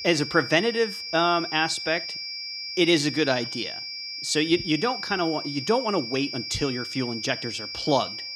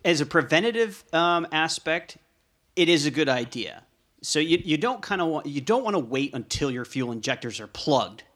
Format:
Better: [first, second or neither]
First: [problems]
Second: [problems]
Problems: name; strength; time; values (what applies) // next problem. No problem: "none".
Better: second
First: high-pitched whine; loud; throughout; 5 kHz, 7 dB below the speech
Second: none